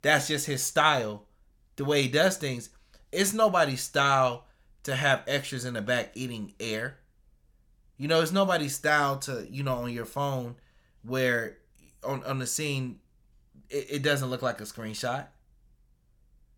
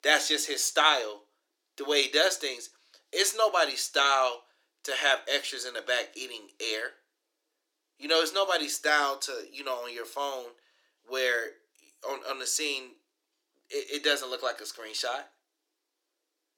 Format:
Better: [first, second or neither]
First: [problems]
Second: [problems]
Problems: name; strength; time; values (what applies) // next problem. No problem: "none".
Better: first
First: none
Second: thin; somewhat; fading below 300 Hz